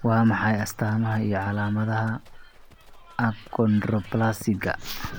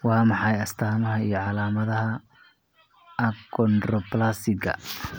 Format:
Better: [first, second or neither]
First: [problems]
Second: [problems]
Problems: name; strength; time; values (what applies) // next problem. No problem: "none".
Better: second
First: background sound (Livestock, farm animals, working animals); 18 dB below the speech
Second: none